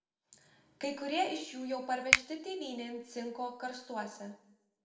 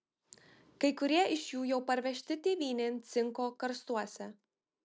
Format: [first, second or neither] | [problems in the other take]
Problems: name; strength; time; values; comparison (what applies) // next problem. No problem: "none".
second | background sound (Finger snapping); 3 dB above the speech // room echo; dies away in 0.6 s